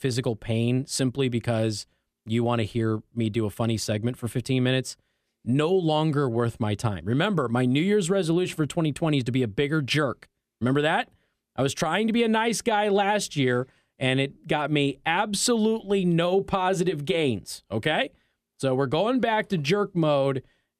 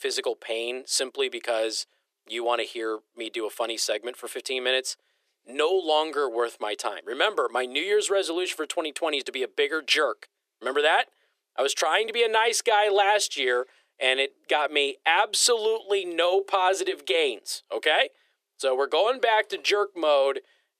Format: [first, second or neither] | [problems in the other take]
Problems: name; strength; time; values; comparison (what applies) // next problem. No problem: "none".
first | thin; very; fading below 400 Hz